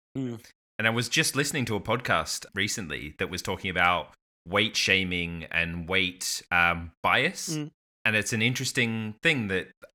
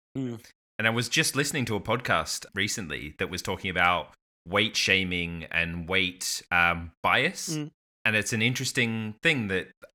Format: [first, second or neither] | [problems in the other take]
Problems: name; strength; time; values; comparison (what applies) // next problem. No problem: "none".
neither | none